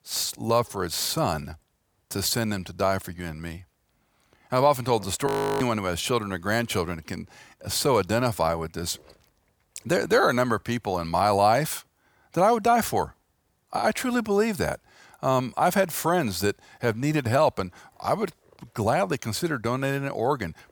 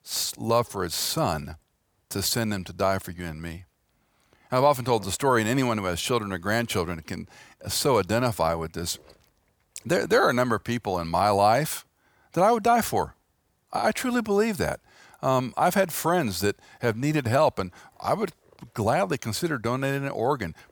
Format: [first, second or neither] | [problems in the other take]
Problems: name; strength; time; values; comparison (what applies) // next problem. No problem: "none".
second | audio freezing; at 5.5 s